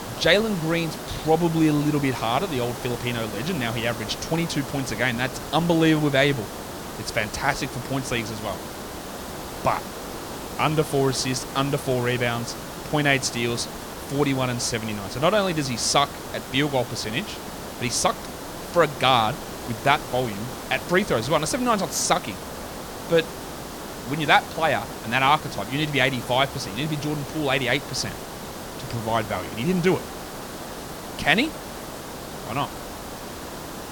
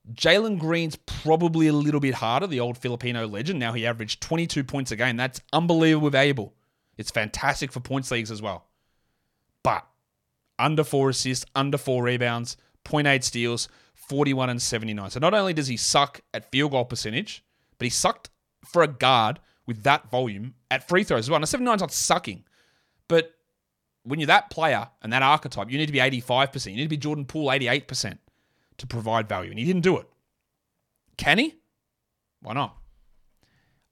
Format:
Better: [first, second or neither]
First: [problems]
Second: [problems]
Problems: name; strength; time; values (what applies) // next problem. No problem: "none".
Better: second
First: hiss; noticeable; throughout; 10 dB below the speech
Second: none